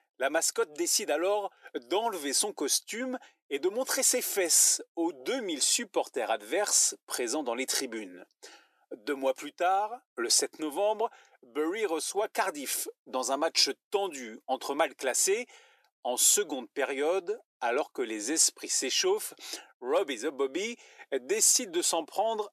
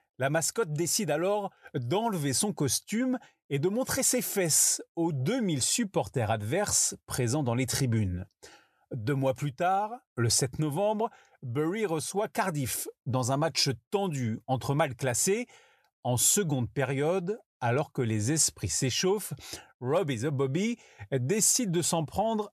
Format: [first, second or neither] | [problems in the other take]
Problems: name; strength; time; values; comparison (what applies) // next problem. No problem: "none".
second | thin; somewhat; fading below 300 Hz